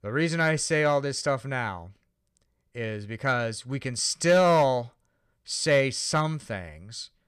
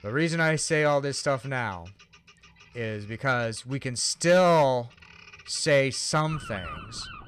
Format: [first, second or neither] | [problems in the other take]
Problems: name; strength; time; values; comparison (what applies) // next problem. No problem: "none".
first | animal sounds; faint; throughout; 20 dB below the speech